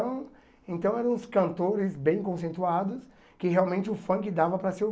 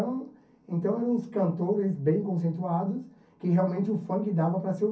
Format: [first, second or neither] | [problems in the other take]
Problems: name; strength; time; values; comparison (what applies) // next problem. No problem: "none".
first | room echo; dies away in 0.3 s